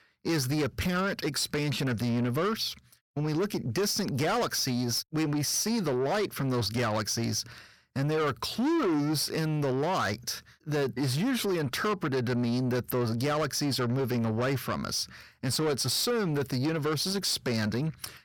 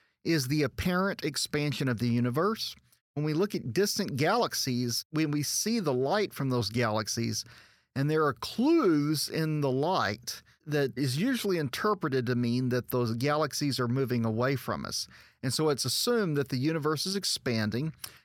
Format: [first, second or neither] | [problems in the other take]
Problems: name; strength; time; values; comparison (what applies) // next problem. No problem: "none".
second | distortion; slight; 10 dB below the speech